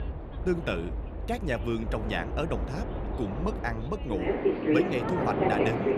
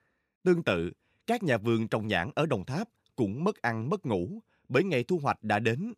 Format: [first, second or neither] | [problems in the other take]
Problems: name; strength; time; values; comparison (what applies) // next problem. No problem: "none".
second | train or aircraft noise; very loud; throughout; 1 dB above the speech